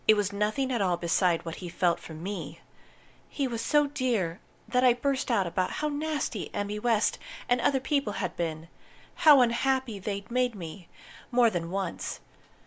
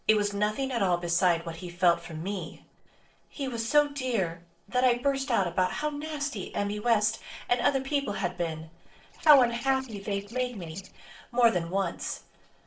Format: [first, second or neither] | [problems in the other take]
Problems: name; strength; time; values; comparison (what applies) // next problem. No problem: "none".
first | noise reduction (neural separator model SepFormer DNS4)